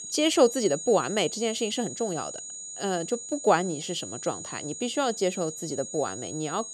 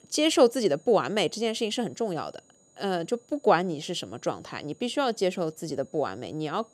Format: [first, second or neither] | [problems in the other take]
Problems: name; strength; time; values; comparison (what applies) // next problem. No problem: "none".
second | high-pitched whine; loud; throughout; 7 kHz, 9 dB below the speech; faint in the second